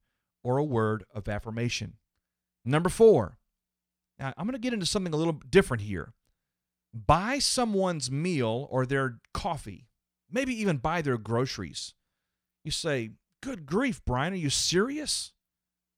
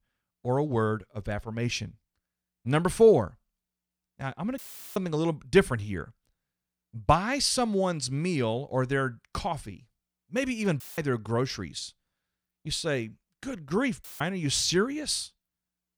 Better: first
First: none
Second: audio cutting out; filled with static; at 4.5 s, at 11 s and at 14 s

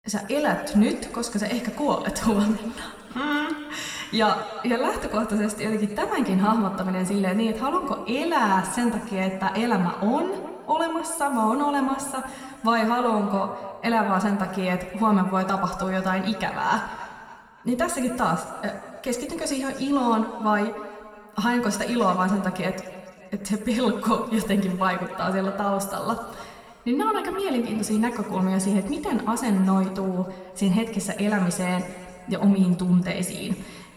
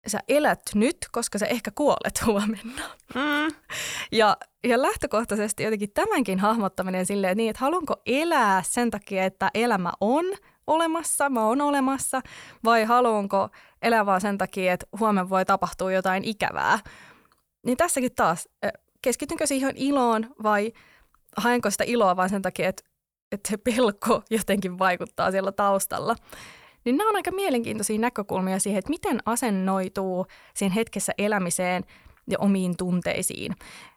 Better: second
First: room echo; noticeable; dies away in 2 s // off-mic speech; somewhat distant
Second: none

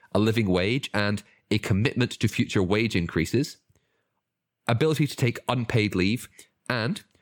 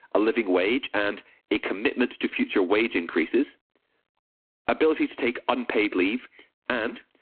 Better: first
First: none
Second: phone-call audio; poor line

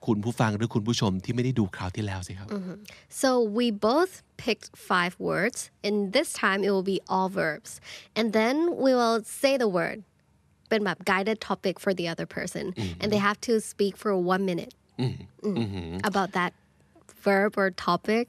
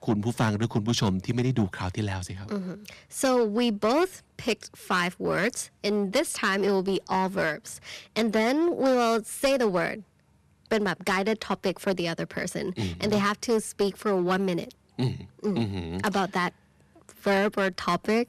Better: first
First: none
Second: distortion; slight; 6% of the sound clipped

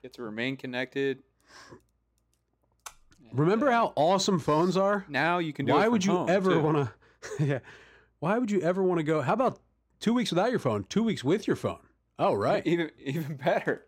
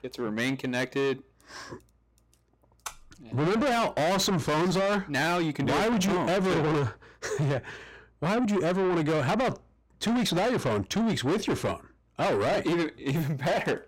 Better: first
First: none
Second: distortion; heavy; 6 dB below the speech

